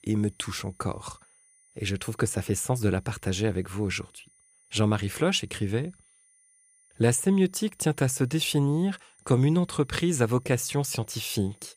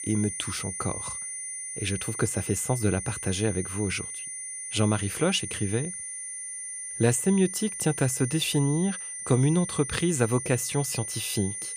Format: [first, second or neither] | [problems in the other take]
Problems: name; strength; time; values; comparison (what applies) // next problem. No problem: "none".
first | high-pitched whine; loud; throughout; 9.5 kHz, 6 dB below the speech; faint in the first